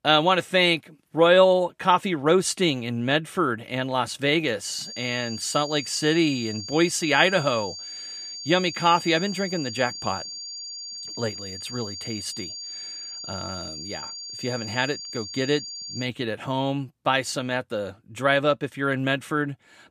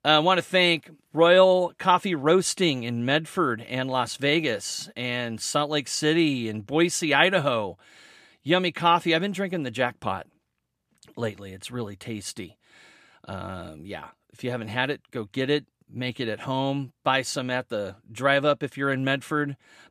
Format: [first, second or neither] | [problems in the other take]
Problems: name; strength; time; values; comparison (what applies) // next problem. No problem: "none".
second | high-pitched whine; noticeable; from 4.5 to 16 s; 4.5 kHz, 10 dB below the speech